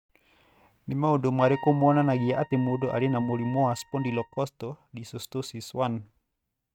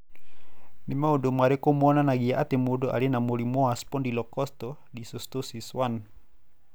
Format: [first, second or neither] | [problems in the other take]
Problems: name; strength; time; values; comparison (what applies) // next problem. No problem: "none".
second | noise reduction (neural mask model RNNoise)